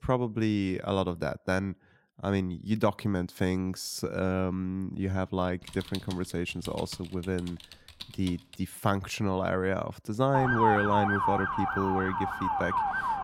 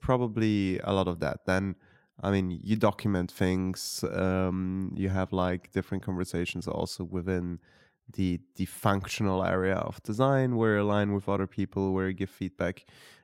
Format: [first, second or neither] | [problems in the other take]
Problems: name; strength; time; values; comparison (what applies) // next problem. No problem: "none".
second | keyboard typing; faint; from 5.5 to 8.5 s; peak 10 dB below the speech // siren; loud; from 10 s on; peak 5 dB above the speech